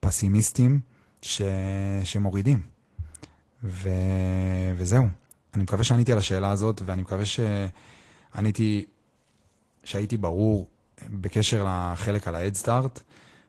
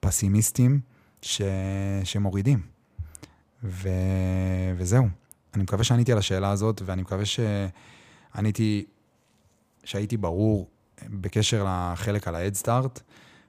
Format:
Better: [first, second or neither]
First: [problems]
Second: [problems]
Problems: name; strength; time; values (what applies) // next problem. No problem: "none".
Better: second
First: garbled, watery; slightly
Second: none